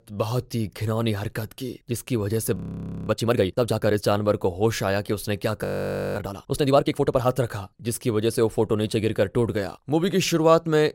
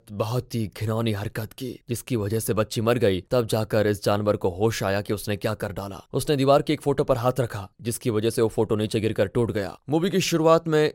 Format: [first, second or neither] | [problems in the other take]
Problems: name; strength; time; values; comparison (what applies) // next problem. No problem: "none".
second | audio freezing; at 2.5 s for 0.5 s and at 5.5 s for 0.5 s